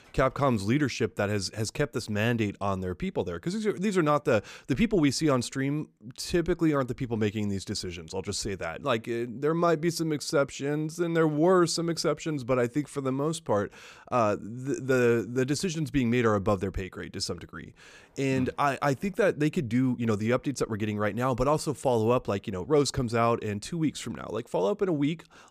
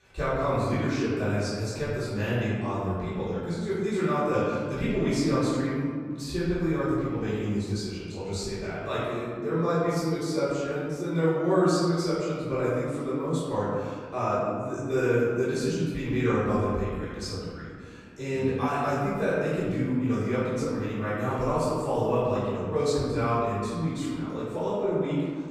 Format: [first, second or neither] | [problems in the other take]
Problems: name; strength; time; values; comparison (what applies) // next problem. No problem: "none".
first | off-mic speech; far // room echo; strong; dies away in 1.8 s